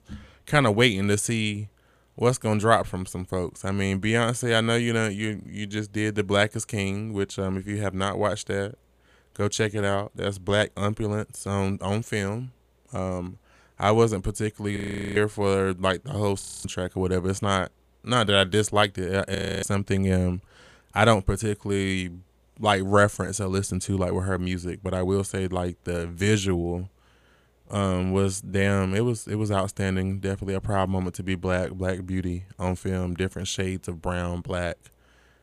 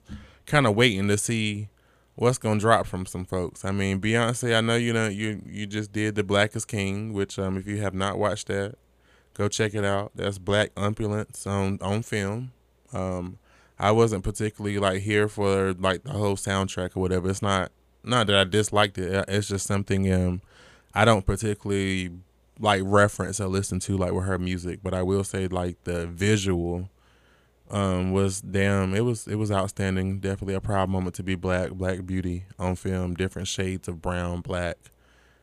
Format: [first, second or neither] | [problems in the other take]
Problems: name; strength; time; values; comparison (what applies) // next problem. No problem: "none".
second | audio freezing; at 15 s, at 16 s and at 19 s